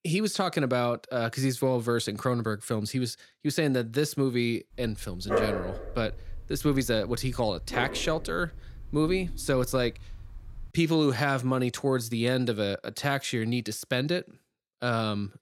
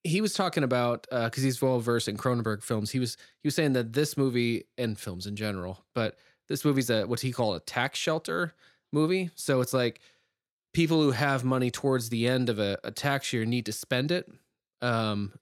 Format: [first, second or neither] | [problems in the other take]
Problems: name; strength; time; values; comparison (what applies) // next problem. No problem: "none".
second | dog barking; loud; from 5 to 11 s; peak 1 dB above the speech